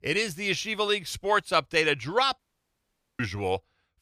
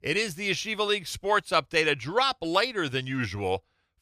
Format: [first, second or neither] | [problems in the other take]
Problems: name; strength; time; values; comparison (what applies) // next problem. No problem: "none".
second | audio cutting out; at 2.5 s for 1 s